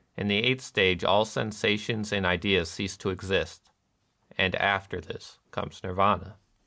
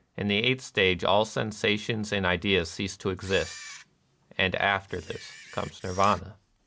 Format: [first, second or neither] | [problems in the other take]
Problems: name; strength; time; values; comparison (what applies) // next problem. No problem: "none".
first | background sound (Camera); 18 dB below the speech